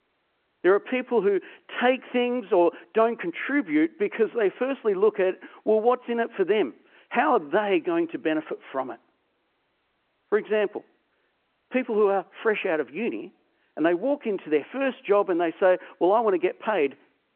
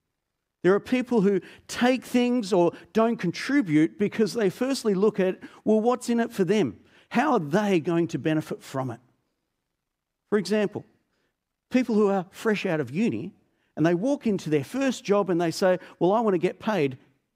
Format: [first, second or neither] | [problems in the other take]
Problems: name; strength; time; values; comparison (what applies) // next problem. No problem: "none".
second | phone-call audio